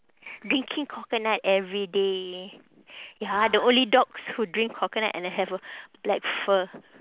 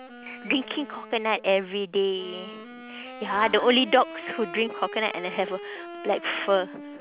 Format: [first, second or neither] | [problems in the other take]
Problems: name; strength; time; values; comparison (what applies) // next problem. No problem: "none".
first | background sound (Wind instrument, woodwind instrument); 14 dB below the speech